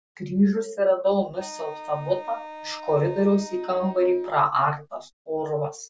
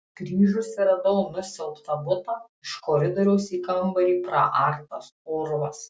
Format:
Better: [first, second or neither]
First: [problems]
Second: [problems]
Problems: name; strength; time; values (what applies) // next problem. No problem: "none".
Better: second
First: background sound (Wind instrument, woodwind instrument); 16 dB below the speech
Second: none